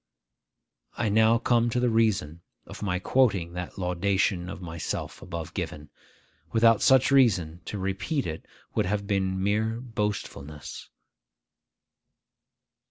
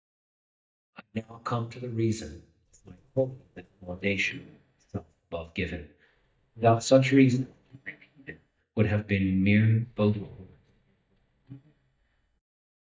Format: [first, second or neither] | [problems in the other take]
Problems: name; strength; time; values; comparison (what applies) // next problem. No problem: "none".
first | noise reduction (neural mask model DeepFilterNet 3)